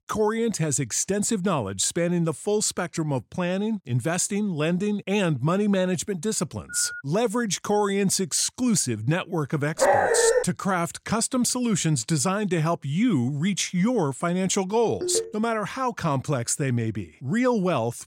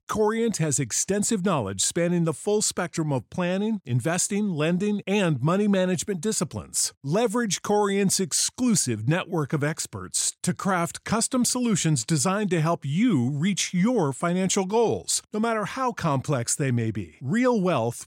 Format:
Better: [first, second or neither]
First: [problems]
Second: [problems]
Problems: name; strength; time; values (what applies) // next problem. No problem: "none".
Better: second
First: phone ringing; faint; at 6.5 s; peak 10 dB below the speech // dog barking; loud; at 10 s; peak 5 dB above the speech // phone ringing; noticeable; at 15 s; peak 5 dB below the speech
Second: none